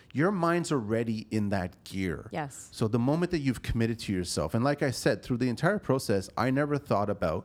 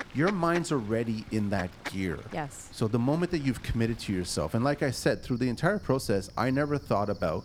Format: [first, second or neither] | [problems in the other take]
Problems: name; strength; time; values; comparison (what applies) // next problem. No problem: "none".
first | animal sounds; noticeable; throughout; 15 dB below the speech